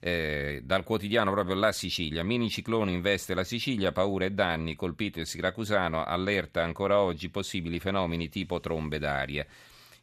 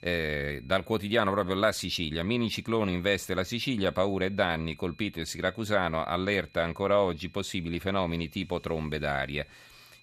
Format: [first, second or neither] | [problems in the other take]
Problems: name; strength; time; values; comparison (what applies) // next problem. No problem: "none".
first | high-pitched whine; faint; throughout; 2.5 kHz, 30 dB below the speech